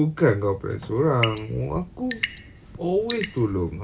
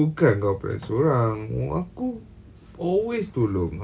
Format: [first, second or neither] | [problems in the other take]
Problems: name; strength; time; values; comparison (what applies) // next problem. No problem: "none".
second | background sound (Drip / Sink (filling or washing) / Water tap, faucet / Water); 11 dB below the speech